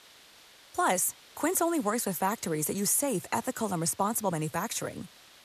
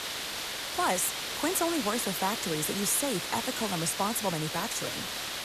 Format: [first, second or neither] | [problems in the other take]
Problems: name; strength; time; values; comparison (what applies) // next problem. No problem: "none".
first | hiss; loud; throughout; 2 dB below the speech; faint in the first